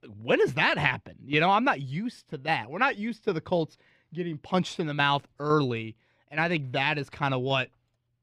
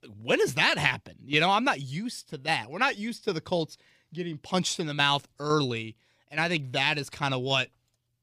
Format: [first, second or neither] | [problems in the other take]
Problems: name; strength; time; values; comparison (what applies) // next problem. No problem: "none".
second | muffled; slightly; fading above 4 kHz